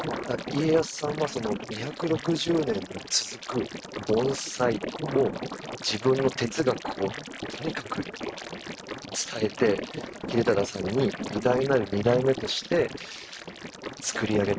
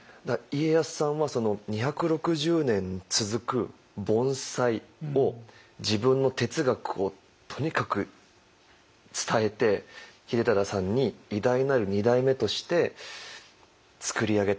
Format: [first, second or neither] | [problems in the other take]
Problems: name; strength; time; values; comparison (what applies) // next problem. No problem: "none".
second | noise reduction (neural mask model RNNoise)